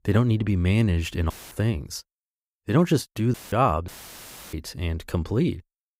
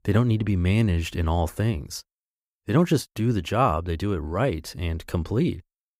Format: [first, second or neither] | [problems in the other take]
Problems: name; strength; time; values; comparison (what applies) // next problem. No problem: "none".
second | audio cutting out; filled with static; at 1.5 s, at 3.5 s and at 4 s for 0.5 s